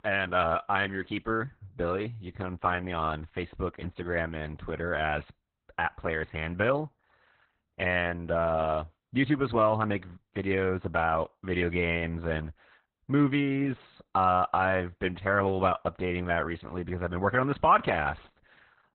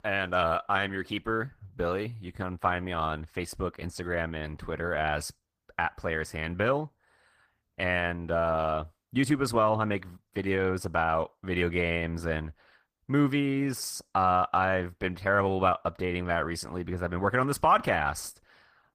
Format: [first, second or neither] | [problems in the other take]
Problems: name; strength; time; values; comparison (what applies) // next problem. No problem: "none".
second | garbled, watery; badly; slightly in the second